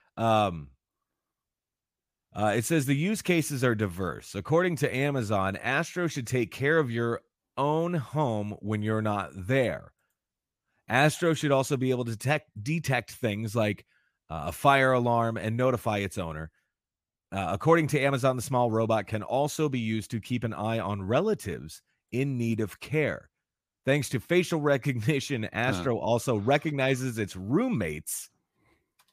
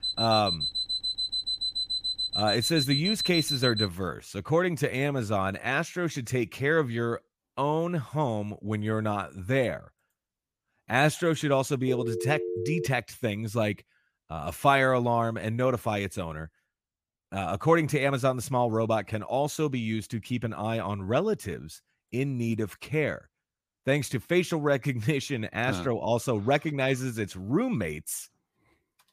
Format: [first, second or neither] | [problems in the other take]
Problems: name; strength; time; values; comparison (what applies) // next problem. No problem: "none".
first | alarm; loud; until 4 s; peak 1 dB above the speech // phone ringing; noticeable; at 12 s; peak 4 dB below the speech